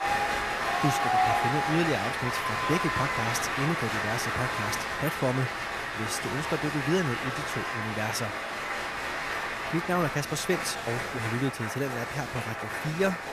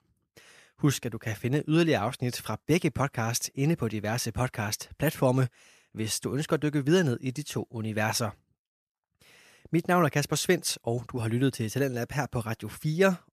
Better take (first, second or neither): second